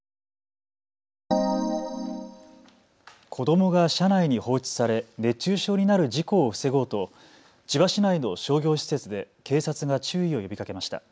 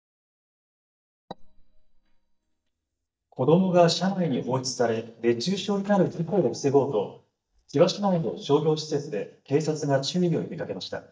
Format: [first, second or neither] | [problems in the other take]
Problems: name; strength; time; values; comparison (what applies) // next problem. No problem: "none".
first | noise reduction (neural mask model DeepFilterNet 3)